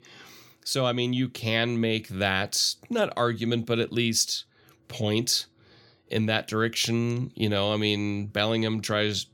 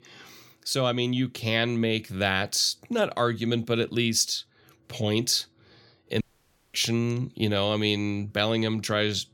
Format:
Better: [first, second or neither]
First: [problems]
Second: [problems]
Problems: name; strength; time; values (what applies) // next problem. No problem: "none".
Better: first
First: none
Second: audio cutting out; at 6 s for 0.5 s